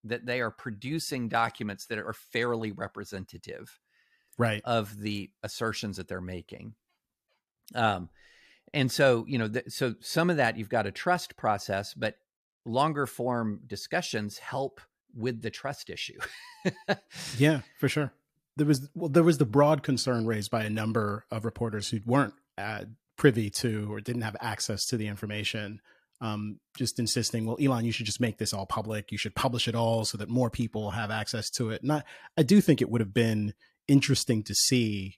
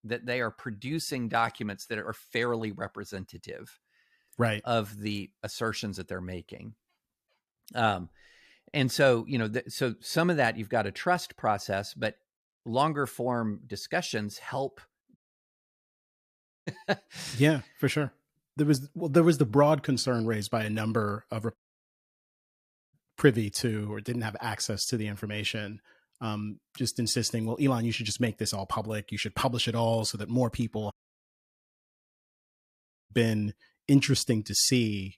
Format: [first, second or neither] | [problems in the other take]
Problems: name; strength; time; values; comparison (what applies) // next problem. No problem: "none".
first | audio cutting out; at 15 s for 1.5 s, at 22 s for 1.5 s and at 31 s for 2 s